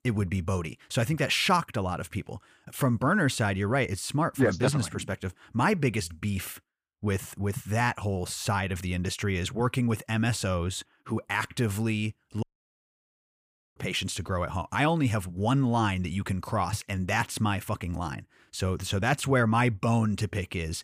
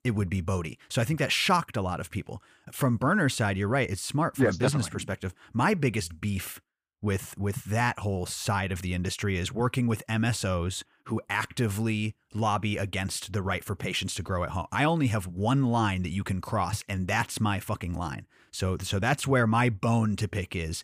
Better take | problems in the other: second | audio cutting out; at 12 s for 1.5 s

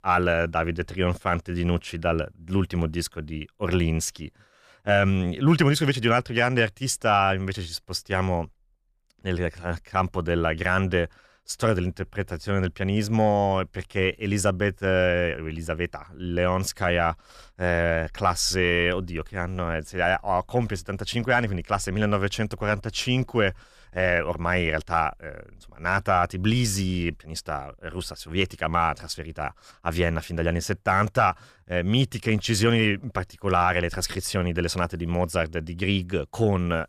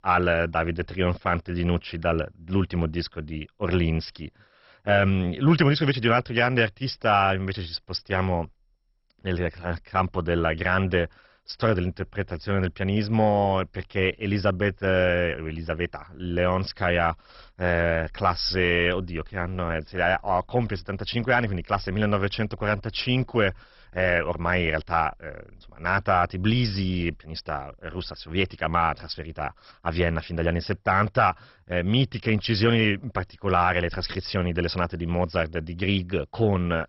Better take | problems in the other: first | garbled, watery; badly; nothing above 5.5 kHz

